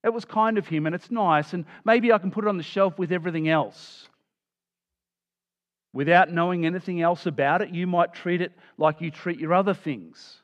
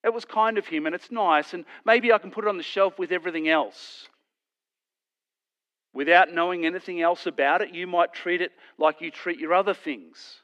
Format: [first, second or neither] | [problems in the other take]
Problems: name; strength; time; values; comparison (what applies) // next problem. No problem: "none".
first | thin; somewhat; fading below 250 Hz